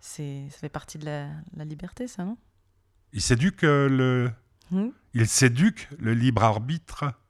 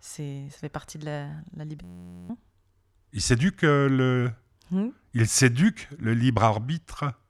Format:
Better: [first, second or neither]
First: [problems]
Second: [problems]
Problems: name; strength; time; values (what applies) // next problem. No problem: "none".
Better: first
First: none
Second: audio freezing; at 2 s